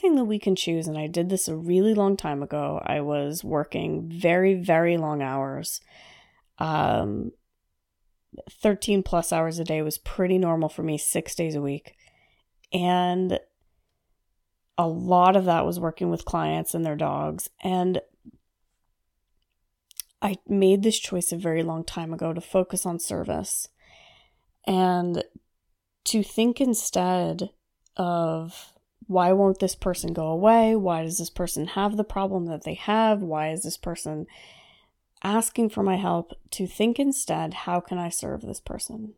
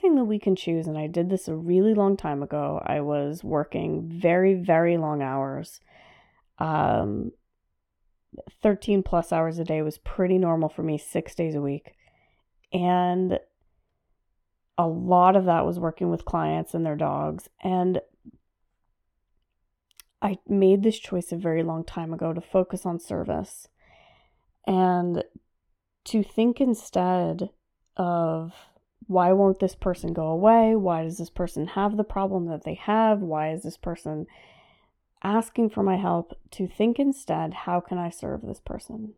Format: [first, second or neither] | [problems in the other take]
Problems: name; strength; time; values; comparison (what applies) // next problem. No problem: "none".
first | muffled; slightly; fading above 3 kHz